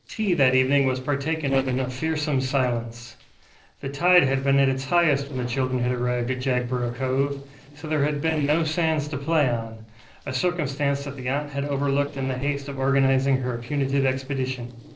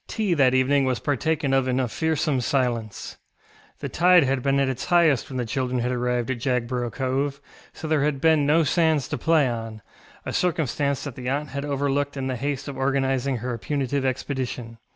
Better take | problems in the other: second | noise reduction (neural separator model SepFormer DNS4)

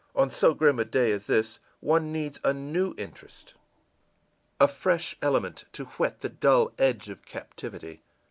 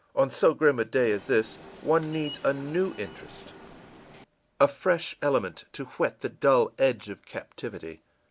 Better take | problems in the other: first | background sound (Subway, metro, underground); 18 dB below the speech

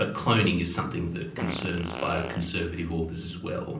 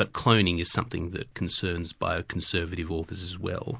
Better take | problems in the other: second | background sound (Fart); 10 dB below the speech // room echo; dies away in 0.6 s

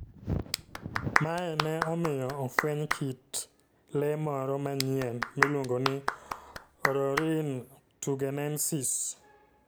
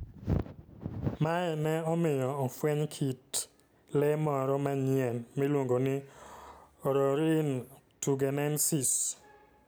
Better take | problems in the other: second | background sound (Clapping); 3 dB below the speech

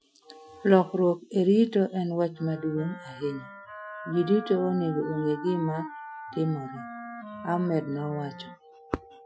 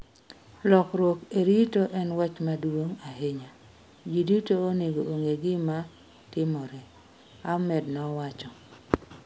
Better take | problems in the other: second | noise reduction (classical method Wiener filter)

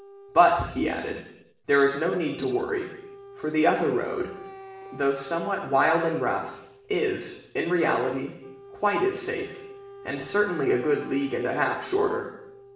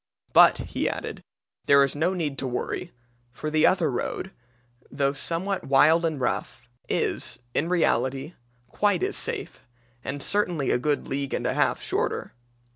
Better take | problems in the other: second | background sound (Wind instrument, woodwind instrument); 19 dB below the speech // room echo; dies away in 0.9 s

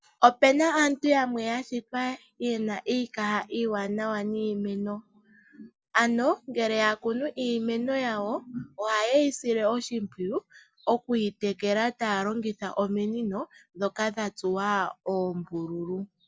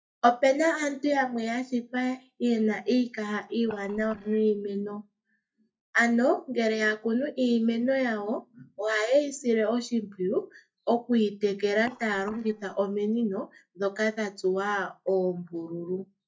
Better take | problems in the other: first | noise reduction (neural mask model DeepFilterNet 3)

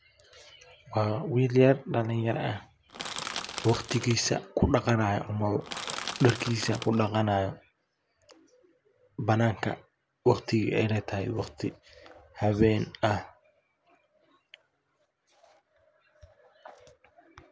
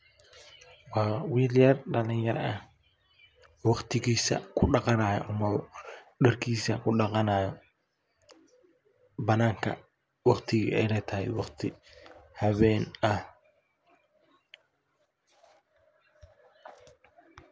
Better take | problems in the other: second | background sound (Crushing); 8 dB below the speech

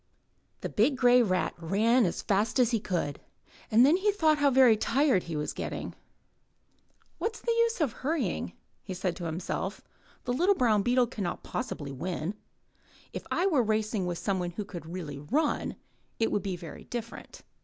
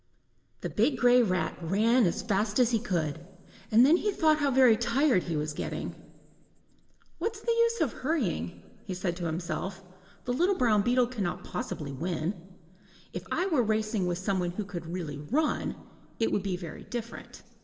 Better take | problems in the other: first | room echo; dies away in 1.5 s

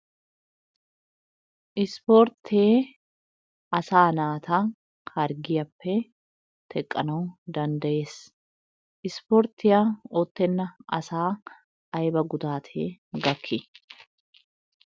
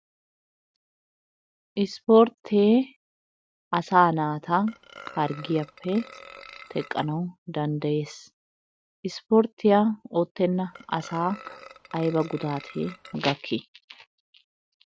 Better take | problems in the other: first | background sound (Burping, eructation); 19 dB below the speech

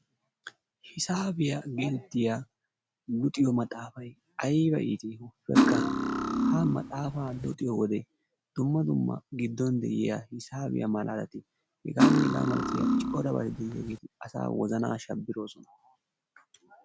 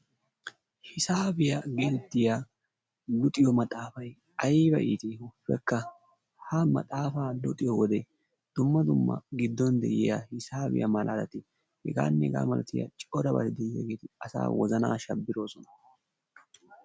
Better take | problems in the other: second | background sound (Cutlery, silverware); 4 dB above the speech

